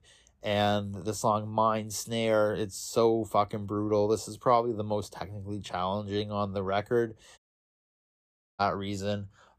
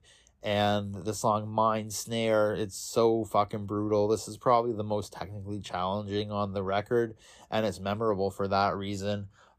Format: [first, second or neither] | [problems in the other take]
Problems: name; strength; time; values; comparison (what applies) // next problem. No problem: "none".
second | audio cutting out; at 7.5 s for 1 s